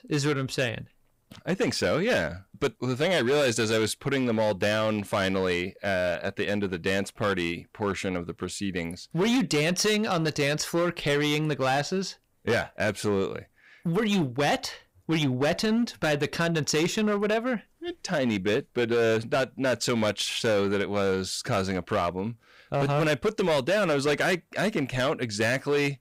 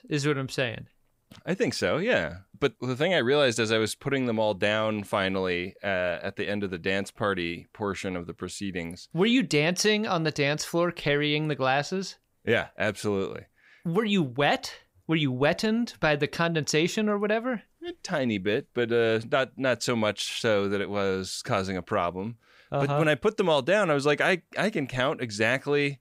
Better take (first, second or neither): second